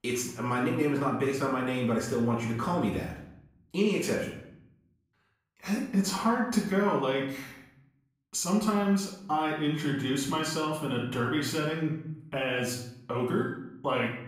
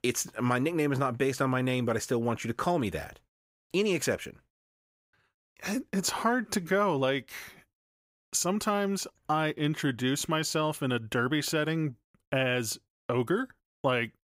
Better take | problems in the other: second | off-mic speech; far // room echo; noticeable; dies away in 0.7 s

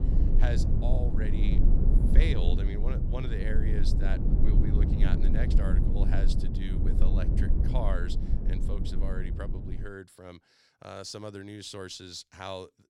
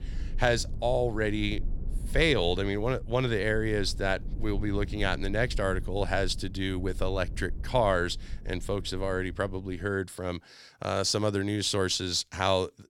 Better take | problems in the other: second | low rumble; loud; until 10 s; 2 dB below the speech; faint in the second

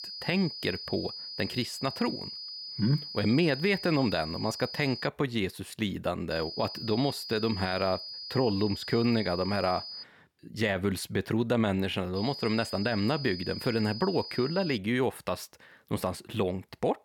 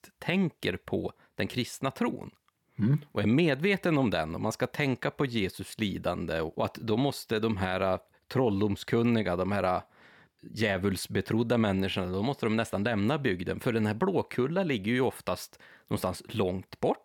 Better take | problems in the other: second | high-pitched whine; loud; until 5 s, from 6.5 to 10 s and from 12 to 15 s; 5 kHz, 8 dB below the speech

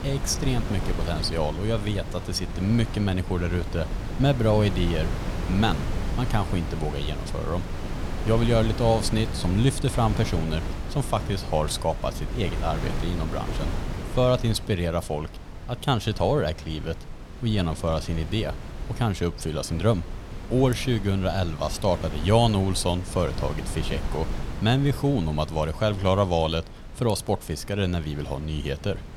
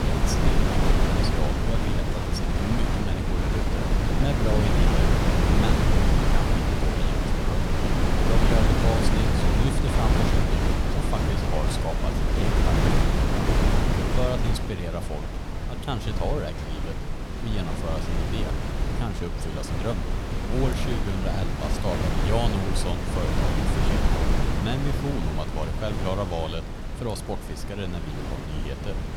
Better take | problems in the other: first | wind noise on the microphone; heavy; 4 dB above the speech; occasional gusts in the first

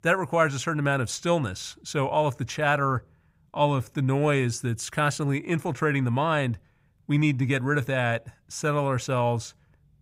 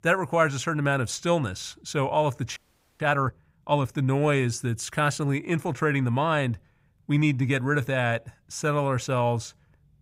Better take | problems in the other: first | audio freezing; at 2.5 s

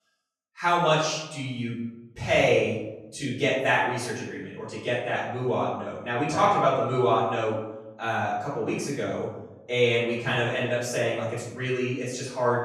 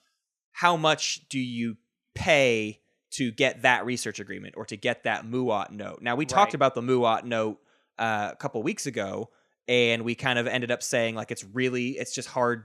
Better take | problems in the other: second | off-mic speech; far // room echo; noticeable; dies away in 0.8 s

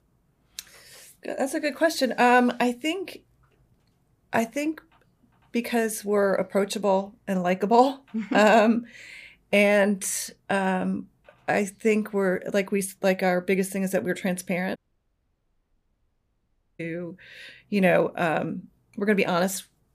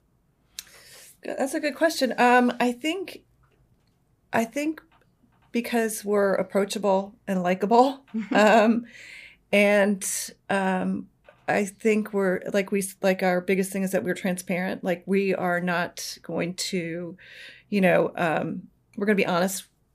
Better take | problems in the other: second | audio cutting out; at 15 s for 2 s

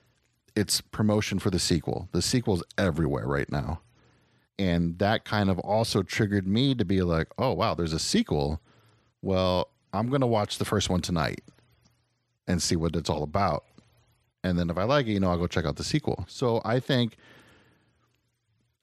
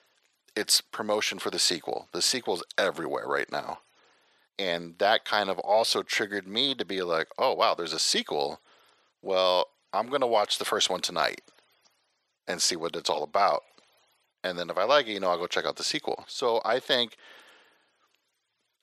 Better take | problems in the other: first | thin; very; fading below 600 Hz

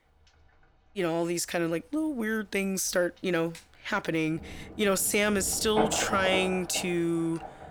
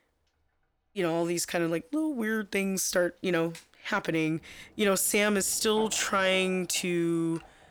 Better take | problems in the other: second | rain or running water; loud; throughout; 8 dB below the speech; faint in the second

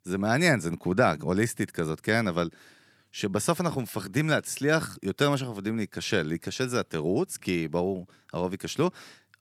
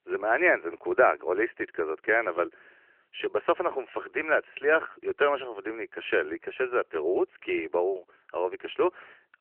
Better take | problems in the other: first | phone-call audio; nothing above 3 kHz

